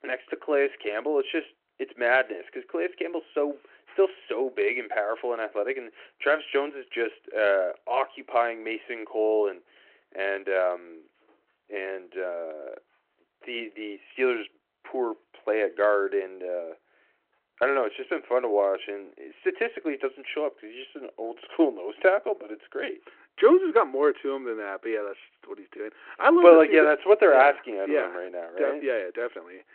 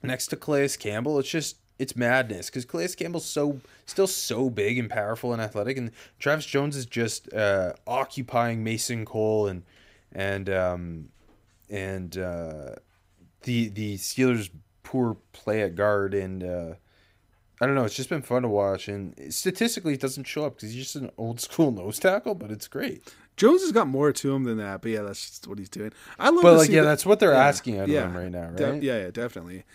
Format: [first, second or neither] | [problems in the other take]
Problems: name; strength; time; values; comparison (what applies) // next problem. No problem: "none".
second | phone-call audio